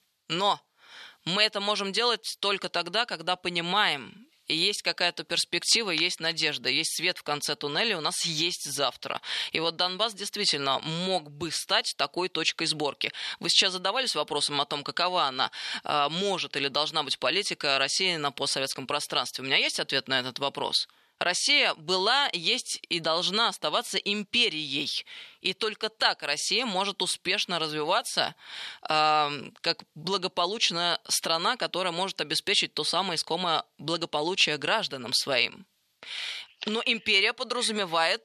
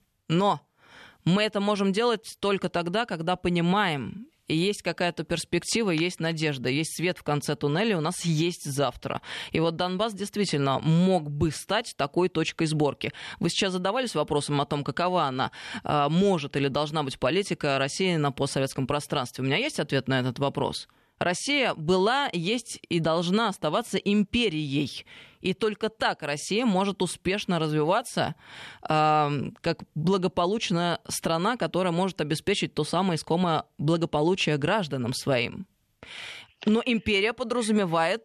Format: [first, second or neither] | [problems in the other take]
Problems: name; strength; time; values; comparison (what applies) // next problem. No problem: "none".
second | thin; somewhat; fading below 1 kHz